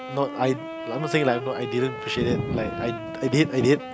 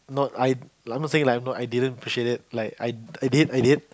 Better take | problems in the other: second | background sound (Wind instrument, woodwind instrument + Thunder); 6 dB below the speech

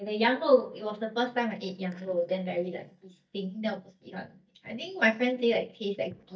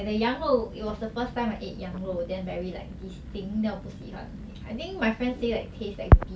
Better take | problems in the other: second | noise reduction (neural mask model DeepFilterNet 3)

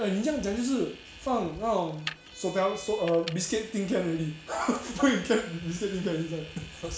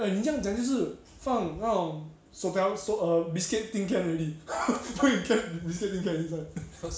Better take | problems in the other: second | background sound (Vehicle); 17 dB below the speech

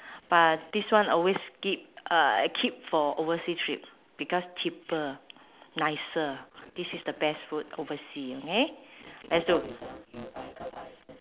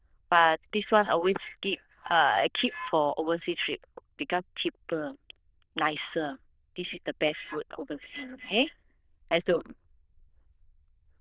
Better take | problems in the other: first | noise reduction (neural diffusion model UNIVERSE++)

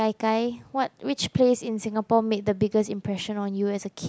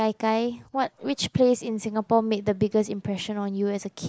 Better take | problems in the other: first | noise reduction (neural mask model Resemble Enhance denoiser)

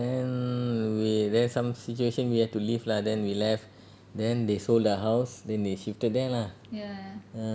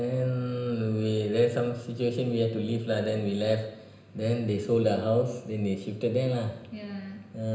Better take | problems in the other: first | room echo; dies away in 0.9 s

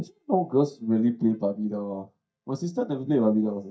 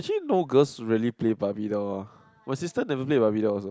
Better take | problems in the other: second | noise reduction (neural mask model DeepFilterNet 3)

